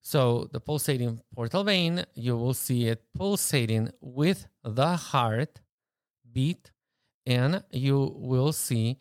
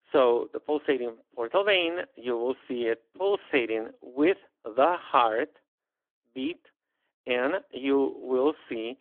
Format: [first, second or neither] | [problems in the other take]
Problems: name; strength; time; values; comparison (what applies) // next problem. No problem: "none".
first | phone-call audio; nothing above 3.5 kHz